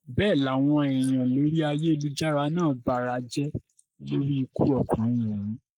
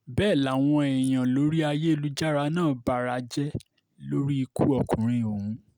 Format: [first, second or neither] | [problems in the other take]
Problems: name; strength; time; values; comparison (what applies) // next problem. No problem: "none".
second | noise reduction (neural mask model Resemble Enhance denoiser)